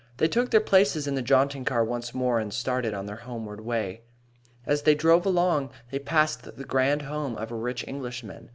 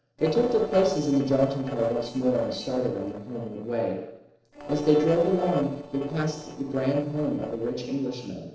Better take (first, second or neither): first